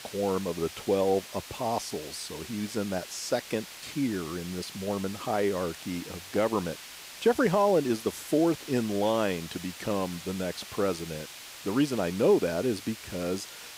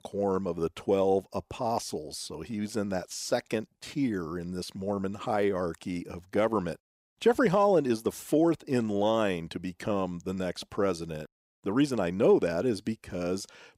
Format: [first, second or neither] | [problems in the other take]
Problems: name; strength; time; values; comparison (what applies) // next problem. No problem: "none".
second | hiss; noticeable; throughout; 10 dB below the speech